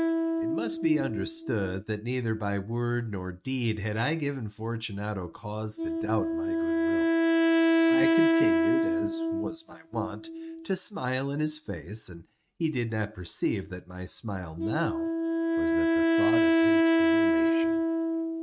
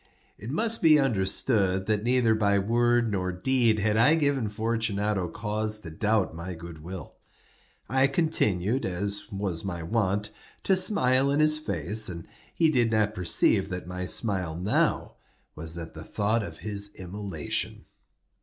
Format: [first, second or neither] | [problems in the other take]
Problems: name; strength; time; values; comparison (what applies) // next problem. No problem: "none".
second | noise reduction (neural mask model RNNoise)